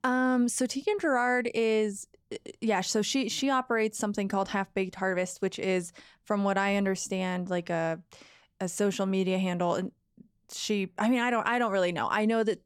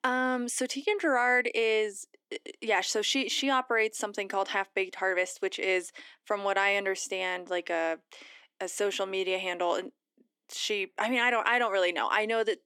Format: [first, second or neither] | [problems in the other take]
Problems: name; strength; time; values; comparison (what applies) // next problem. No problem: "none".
first | thin; somewhat; fading below 300 Hz